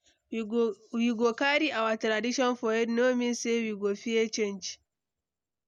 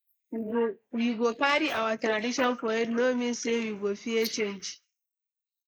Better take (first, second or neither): first